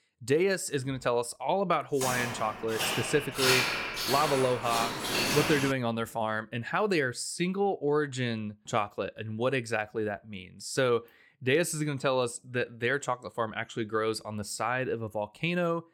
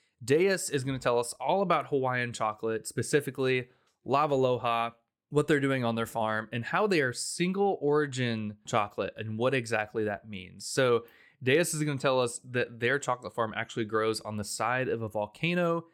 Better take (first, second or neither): second